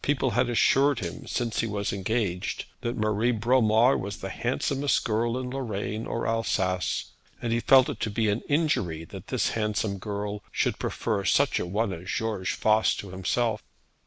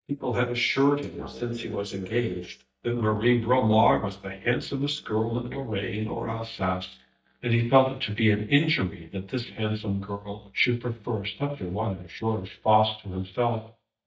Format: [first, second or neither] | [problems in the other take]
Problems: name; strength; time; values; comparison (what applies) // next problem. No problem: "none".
first | noise reduction (neural mask model DeepFilterNet 3)